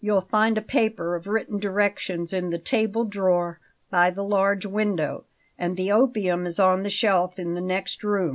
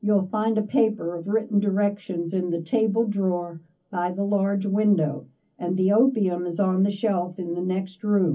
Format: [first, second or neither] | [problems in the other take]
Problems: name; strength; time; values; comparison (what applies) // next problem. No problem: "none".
first | room echo; dies away in 0.3 s